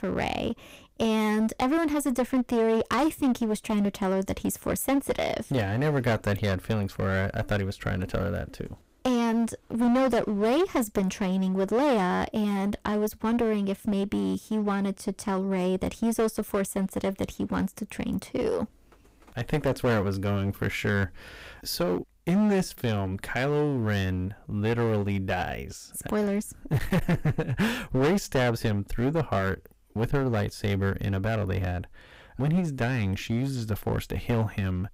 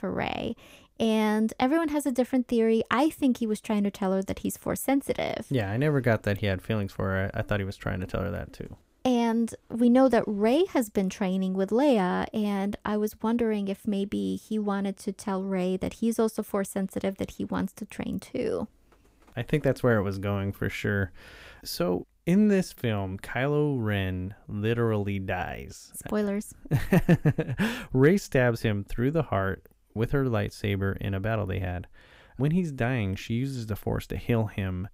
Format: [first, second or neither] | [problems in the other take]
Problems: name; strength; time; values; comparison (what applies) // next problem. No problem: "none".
second | distortion; heavy; 12% of the sound clipped